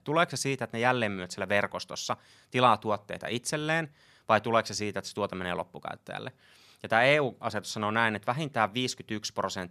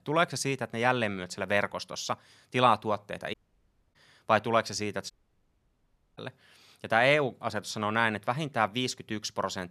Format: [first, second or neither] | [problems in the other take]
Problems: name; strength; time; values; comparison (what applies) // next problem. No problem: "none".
first | audio cutting out; at 3.5 s for 0.5 s and at 5 s for 1 s